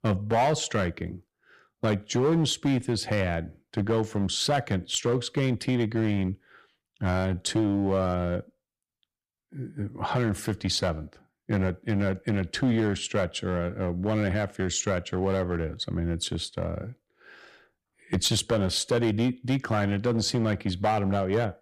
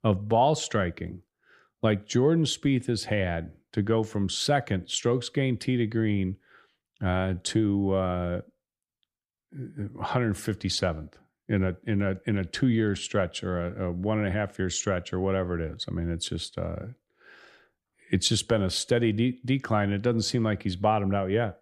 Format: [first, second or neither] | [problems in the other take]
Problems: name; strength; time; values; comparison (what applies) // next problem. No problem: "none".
second | distortion; slight; 6% of the sound clipped